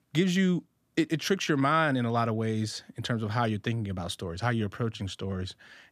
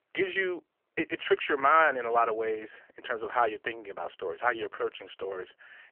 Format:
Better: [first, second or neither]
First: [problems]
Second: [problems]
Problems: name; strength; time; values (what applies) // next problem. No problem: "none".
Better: first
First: none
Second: phone-call audio; poor line; nothing above 3 kHz